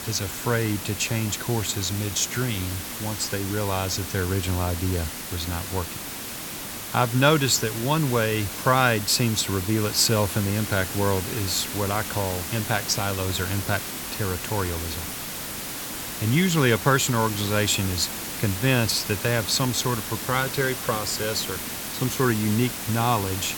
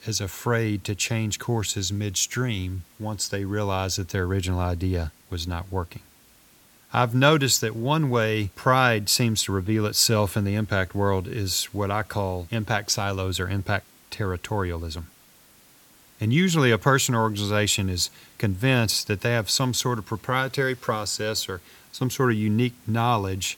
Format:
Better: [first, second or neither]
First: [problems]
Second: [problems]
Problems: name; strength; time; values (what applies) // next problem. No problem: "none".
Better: second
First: hiss; loud; throughout; 6 dB below the speech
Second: hiss; faint; throughout; 30 dB below the speech